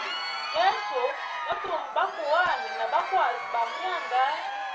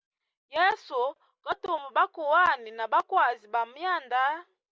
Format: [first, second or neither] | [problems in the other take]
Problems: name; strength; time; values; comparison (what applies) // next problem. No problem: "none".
second | background sound (Crowd); 5 dB below the speech // room echo; dies away in 0.3 s